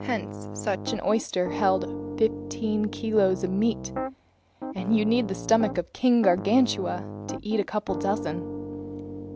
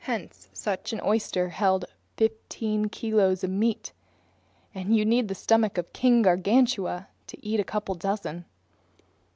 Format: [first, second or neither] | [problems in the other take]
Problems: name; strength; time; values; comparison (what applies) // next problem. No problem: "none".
second | background sound (Piano); 8 dB below the speech